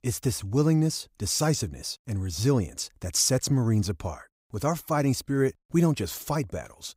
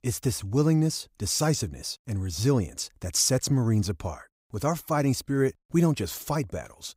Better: neither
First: none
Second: none

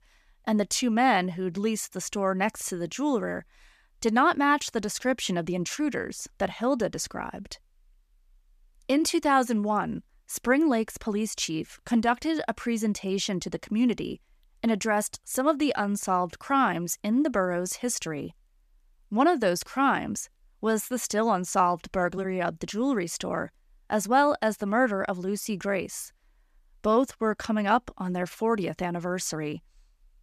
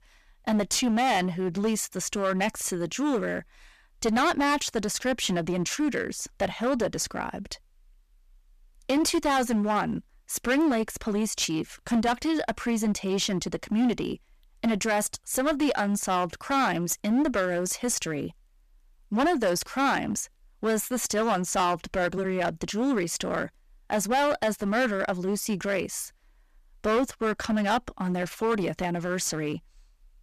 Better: first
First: none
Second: distortion; heavy; 10% of the sound clipped

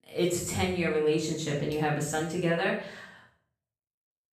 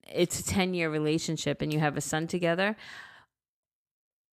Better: second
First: room echo; noticeable; dies away in 0.6 s // off-mic speech; far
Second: none

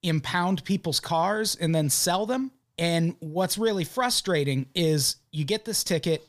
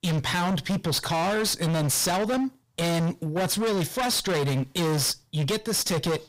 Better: first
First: none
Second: distortion; heavy; 37% of the sound clipped

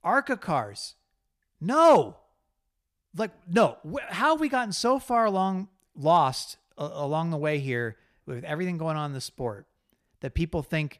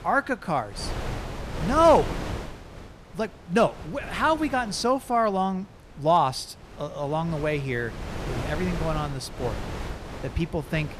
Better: first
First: none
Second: wind noise on the microphone; occasional gusts; 15 dB below the speech

